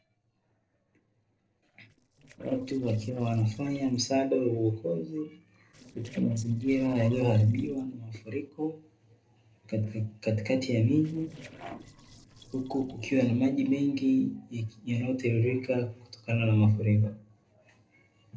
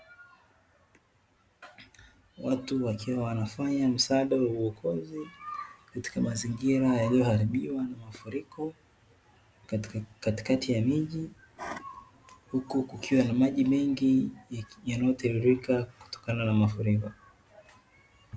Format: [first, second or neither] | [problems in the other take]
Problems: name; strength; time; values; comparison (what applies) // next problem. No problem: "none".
second | noise reduction (neural separator model SepFormer DNS4)